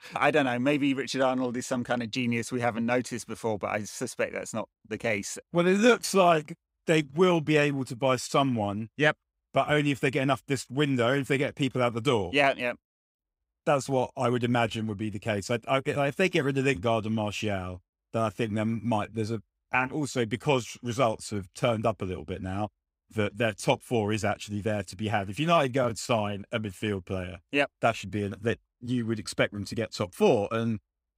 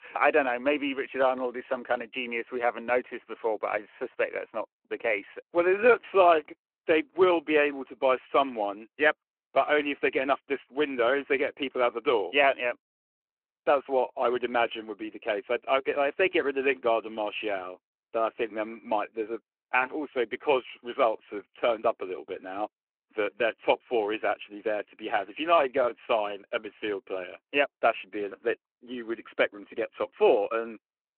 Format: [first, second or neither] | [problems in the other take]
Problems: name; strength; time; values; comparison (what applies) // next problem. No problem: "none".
first | phone-call audio